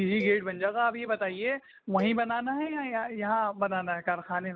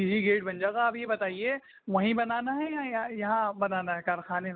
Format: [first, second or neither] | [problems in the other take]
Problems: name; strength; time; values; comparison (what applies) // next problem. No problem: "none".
second | background sound (Cowbell); 18 dB below the speech